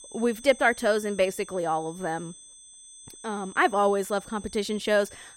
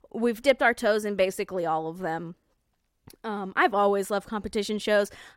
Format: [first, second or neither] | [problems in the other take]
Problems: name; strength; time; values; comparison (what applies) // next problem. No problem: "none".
second | high-pitched whine; noticeable; throughout; 8 kHz, 20 dB below the speech